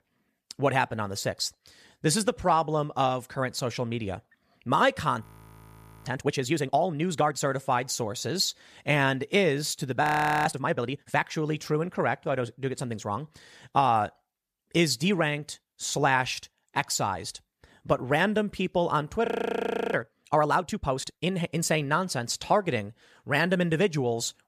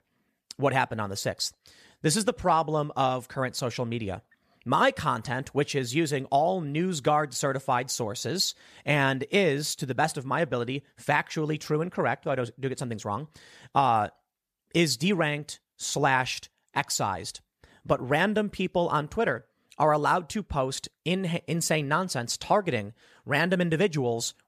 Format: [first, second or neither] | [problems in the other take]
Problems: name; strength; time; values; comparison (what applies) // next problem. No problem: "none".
second | audio freezing; at 5 s for 1 s, at 10 s and at 19 s for 0.5 s